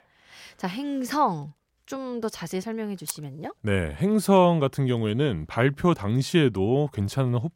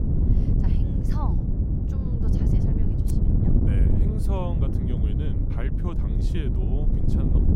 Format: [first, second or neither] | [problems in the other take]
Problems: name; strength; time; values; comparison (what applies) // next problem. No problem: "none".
first | wind noise on the microphone; heavy; 4 dB above the speech